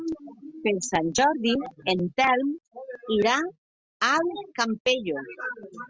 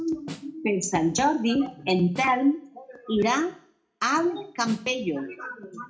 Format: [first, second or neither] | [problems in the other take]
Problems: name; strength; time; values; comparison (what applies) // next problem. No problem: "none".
first | background sound (Snare drum); 19 dB below the speech // room echo; dies away in 0.4 s